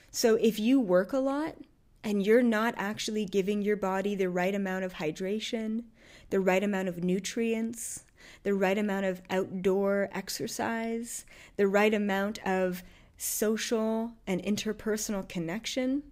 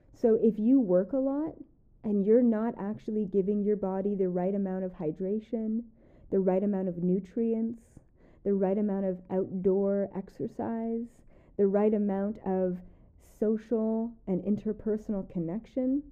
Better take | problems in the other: first | muffled; very; fading above 1.5 kHz

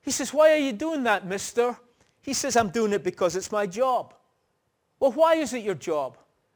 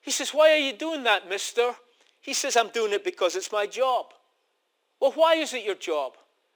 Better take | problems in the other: first | thin; somewhat; fading below 300 Hz

